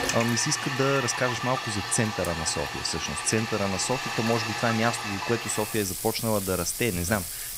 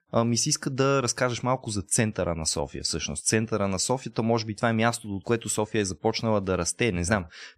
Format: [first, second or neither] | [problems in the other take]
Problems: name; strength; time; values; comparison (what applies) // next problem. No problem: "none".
second | household noises; loud; throughout; 3 dB below the speech